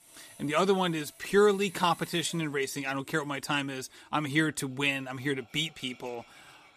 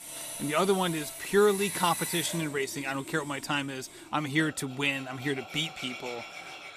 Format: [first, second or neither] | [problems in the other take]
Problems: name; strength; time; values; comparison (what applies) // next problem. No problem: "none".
first | machinery noise; loud; throughout; 9 dB below the speech; faint in the first